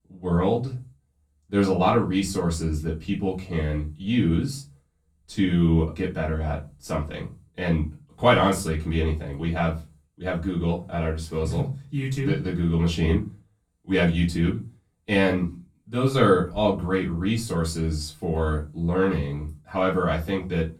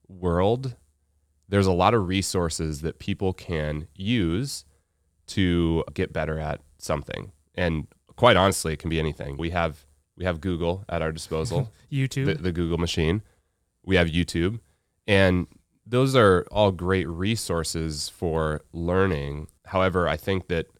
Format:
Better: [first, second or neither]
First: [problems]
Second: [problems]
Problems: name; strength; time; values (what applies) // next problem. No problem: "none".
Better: second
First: off-mic speech; far // room echo; very slight; dies away in 0.3 s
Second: none